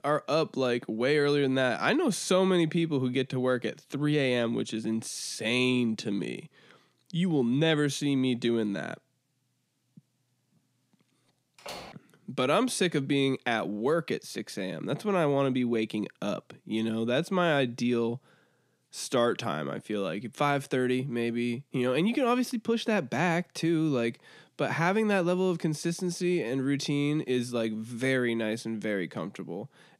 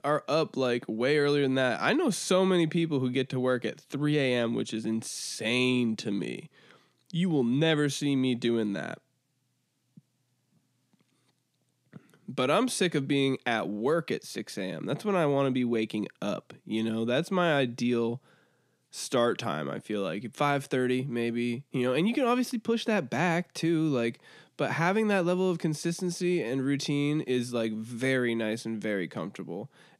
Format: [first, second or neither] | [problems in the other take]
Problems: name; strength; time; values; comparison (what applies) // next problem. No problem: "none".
second | door banging; faint; at 12 s; peak 15 dB below the speech